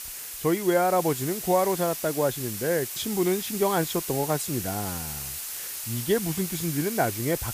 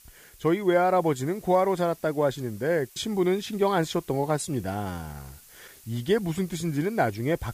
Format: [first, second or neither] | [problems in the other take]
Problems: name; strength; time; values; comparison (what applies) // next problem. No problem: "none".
second | hiss; loud; throughout; 5 dB below the speech; faint in the second